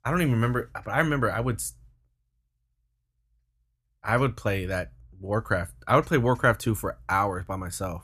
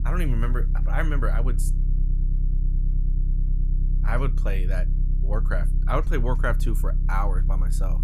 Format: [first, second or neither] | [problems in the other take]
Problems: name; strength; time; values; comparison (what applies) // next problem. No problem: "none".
first | low rumble; noticeable; throughout; 15 dB below the speech